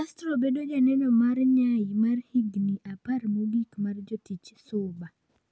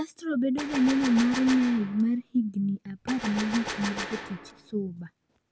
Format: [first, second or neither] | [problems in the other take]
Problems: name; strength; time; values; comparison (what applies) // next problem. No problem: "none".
first | background sound (Gunshot, gunfire); 9 dB below the speech